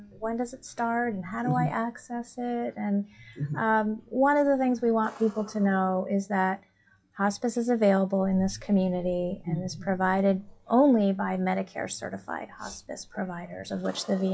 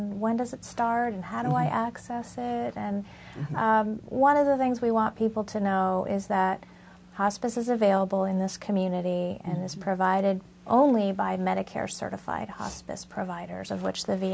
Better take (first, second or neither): second